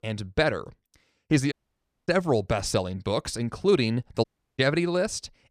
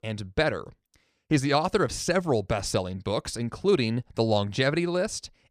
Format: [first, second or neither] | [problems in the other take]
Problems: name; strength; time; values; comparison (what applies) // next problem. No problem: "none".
second | audio cutting out; at 1.5 s for 0.5 s and at 4 s